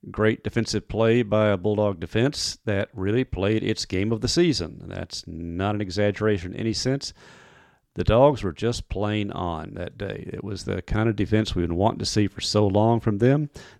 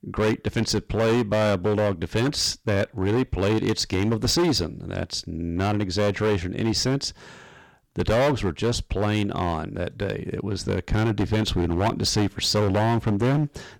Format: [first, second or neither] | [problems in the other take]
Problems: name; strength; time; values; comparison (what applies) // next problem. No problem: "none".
first | distortion; heavy; 13% of the sound clipped